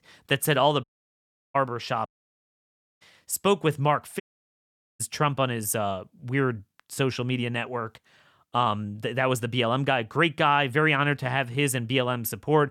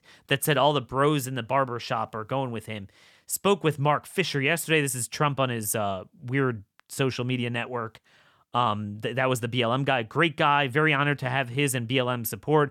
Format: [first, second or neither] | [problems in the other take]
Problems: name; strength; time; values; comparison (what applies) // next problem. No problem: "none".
second | audio cutting out; at 1 s for 0.5 s, at 2 s for 1 s and at 4 s for 1 s